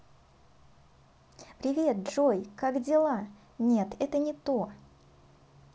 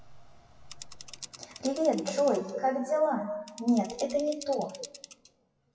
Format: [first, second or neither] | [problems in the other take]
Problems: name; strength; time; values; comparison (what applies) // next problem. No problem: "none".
first | noise reduction (classical method WPE with log-MMSE)